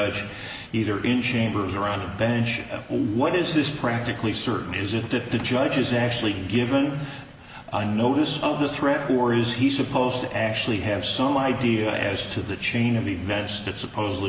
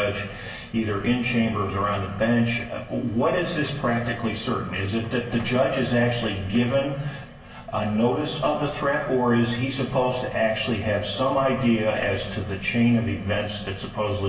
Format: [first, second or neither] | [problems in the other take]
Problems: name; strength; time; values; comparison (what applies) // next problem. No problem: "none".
first | room echo; dies away in 0.2 s